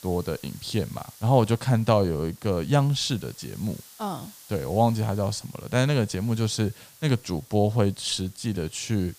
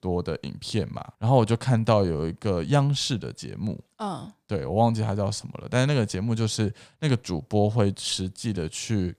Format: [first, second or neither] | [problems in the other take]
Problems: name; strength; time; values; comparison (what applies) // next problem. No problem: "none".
second | hiss; faint; throughout; 20 dB below the speech